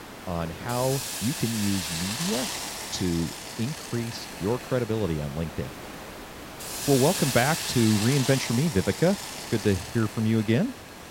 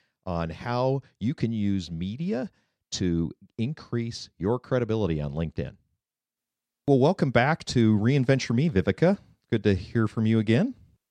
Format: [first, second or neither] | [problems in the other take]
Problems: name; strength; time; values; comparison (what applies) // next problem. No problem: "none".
second | hiss; loud; throughout; 5 dB below the speech